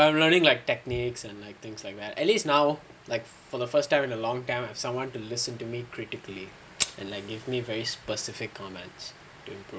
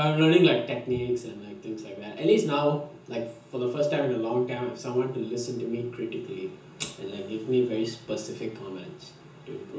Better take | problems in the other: first | room echo; dies away in 0.6 s

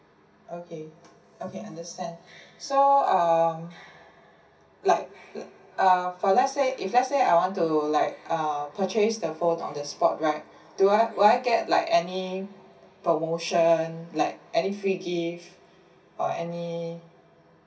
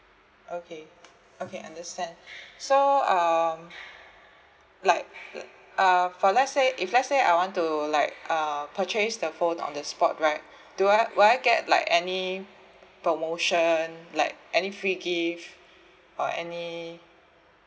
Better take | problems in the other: second | room echo; dies away in 0.3 s

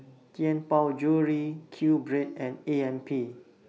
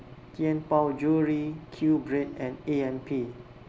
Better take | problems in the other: first | background sound (Engine / Aircraft); 19 dB below the speech

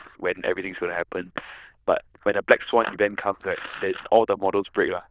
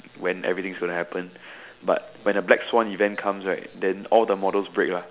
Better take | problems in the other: second | noise reduction (neural diffusion model UNIVERSE++)

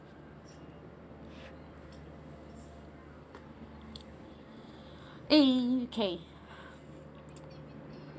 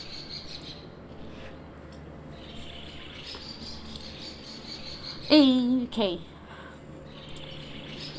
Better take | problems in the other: first | background sound (Bird); 13 dB below the speech

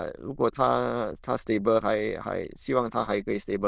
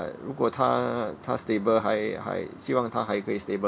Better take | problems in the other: second | noise reduction (neural diffusion model UNIVERSE++)

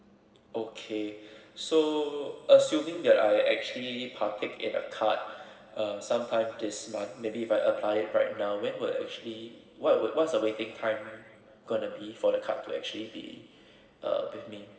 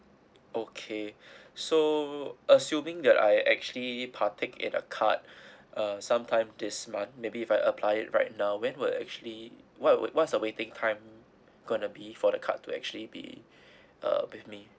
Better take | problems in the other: second | room echo; dies away in 2.3 s

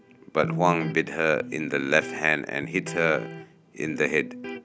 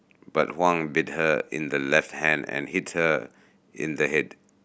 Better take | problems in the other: second | background sound (Electric guitar); 10 dB below the speech

